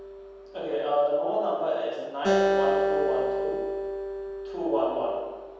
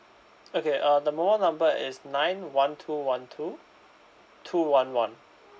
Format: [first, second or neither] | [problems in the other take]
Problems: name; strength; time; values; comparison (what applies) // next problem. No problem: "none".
second | background sound (Acoustic guitar); as loud as the speech // room echo; dies away in 1.2 s